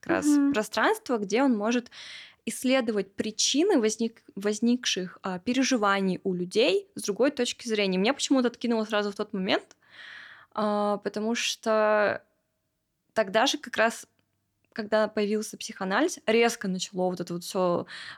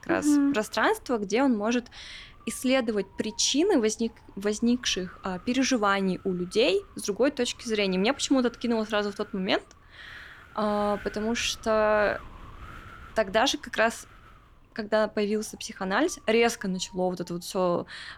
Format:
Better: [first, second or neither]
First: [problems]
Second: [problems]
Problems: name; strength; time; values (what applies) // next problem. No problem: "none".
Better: first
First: none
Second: wind noise on the microphone; occasional gusts; 20 dB below the speech